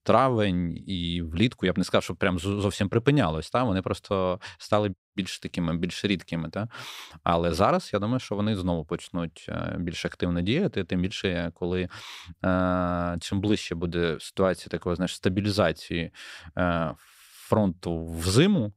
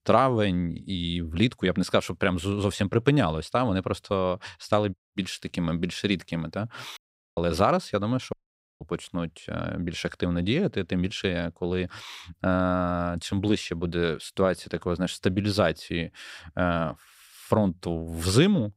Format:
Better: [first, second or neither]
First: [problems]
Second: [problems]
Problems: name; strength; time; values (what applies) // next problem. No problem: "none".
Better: first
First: none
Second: audio cutting out; at 7 s and at 8.5 s